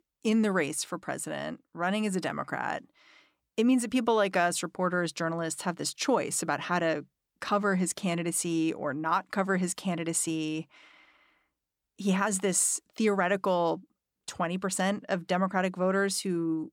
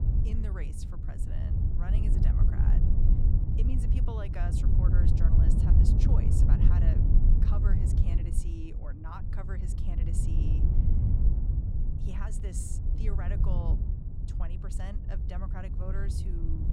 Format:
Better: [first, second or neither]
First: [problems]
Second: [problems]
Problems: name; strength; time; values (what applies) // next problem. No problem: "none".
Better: first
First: none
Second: wind noise on the microphone; heavy; 3 dB above the speech